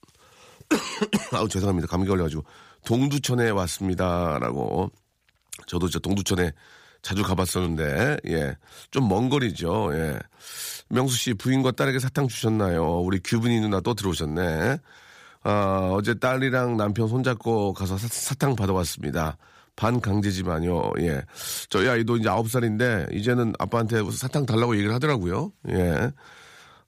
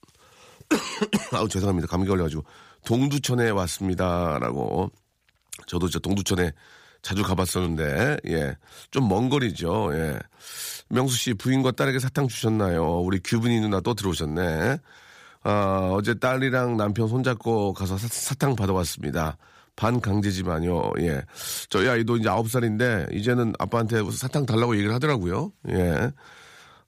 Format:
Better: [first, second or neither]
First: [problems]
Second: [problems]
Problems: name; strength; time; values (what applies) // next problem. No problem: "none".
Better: neither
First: none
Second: none